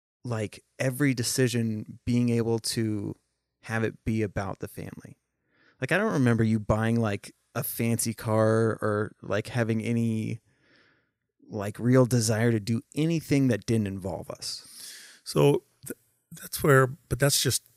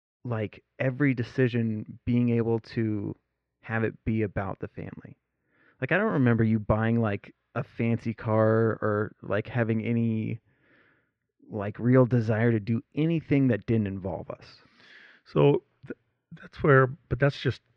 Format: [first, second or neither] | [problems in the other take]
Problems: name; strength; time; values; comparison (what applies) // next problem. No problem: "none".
first | muffled; very; fading above 3 kHz